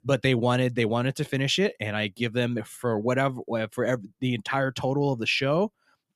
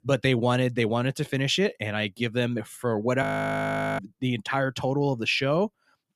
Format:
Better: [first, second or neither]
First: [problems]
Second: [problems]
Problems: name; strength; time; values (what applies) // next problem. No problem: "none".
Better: first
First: none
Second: audio freezing; at 3 s for 1 s